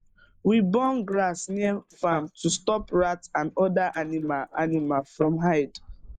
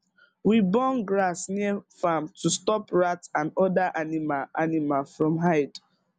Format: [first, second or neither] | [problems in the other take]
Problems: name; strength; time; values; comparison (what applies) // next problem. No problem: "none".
second | noise reduction (neural mask model Resemble Enhance denoiser)